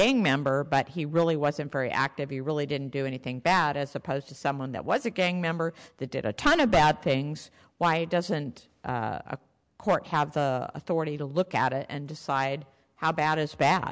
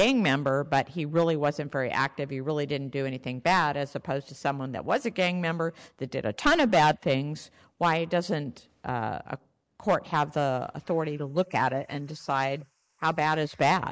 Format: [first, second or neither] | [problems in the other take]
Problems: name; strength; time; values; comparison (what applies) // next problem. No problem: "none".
first | noise reduction (neural mask model Resemble Enhance denoiser)